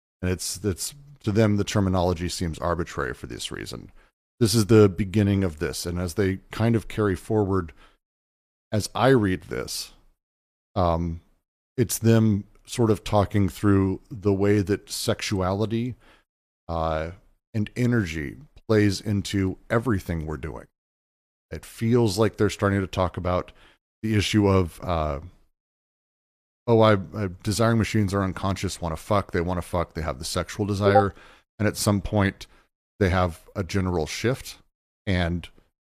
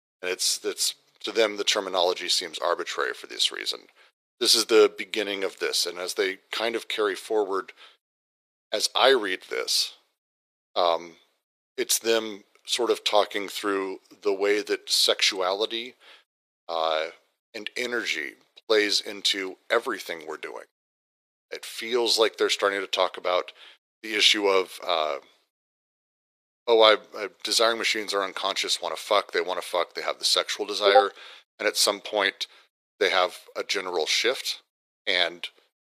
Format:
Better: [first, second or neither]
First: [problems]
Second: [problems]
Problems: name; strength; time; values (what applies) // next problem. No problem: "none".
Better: first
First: none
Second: thin; very; fading below 450 Hz